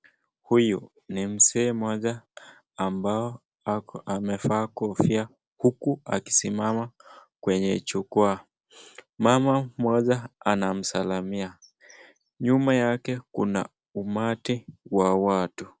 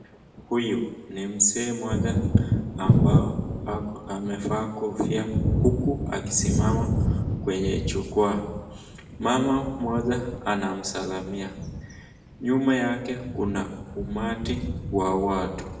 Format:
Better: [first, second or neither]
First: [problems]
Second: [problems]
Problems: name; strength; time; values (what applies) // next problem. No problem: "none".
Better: first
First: none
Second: background sound (Thunder); as loud as the speech // room echo; dies away in 0.9 s